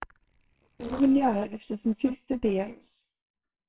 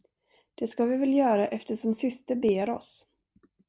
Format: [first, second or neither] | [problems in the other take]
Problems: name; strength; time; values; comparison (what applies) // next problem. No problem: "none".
second | noise reduction (neural separator model SepFormer WHAMR!)